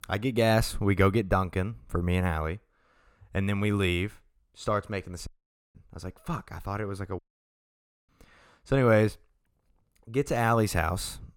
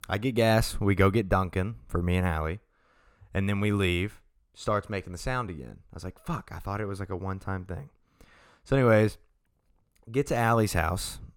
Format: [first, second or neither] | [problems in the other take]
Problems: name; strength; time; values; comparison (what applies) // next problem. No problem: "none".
second | audio cutting out; at 5.5 s and at 7 s for 1 s